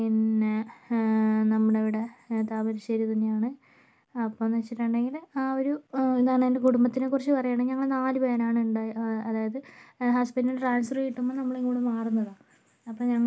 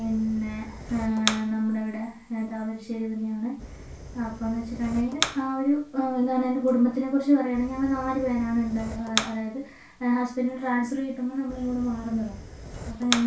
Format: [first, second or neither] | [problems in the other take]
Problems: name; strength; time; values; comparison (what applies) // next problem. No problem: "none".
first | background sound (Fire); 10 dB below the speech // room echo; dies away in 0.3 s